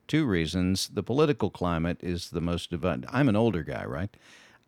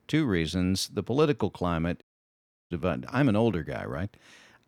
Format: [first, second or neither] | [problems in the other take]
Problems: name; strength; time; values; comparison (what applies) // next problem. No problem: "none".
first | audio cutting out; at 2 s for 0.5 s